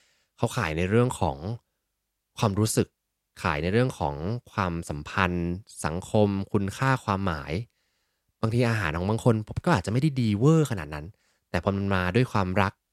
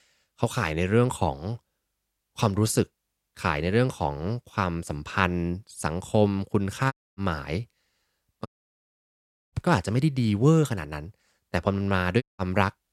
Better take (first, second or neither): first